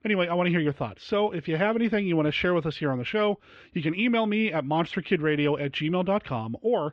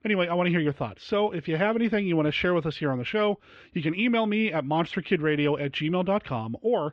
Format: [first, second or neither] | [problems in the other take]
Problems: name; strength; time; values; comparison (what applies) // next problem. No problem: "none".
neither | muffled; very; fading above 3 kHz; the same in both